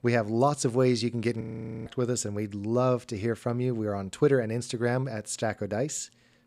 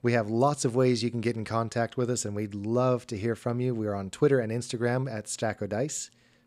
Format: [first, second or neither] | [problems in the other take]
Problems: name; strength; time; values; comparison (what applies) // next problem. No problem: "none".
second | audio freezing; at 1.5 s